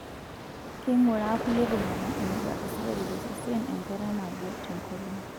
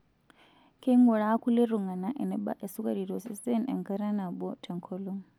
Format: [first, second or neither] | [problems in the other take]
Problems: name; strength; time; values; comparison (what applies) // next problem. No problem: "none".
second | background sound (Ocean); 5 dB below the speech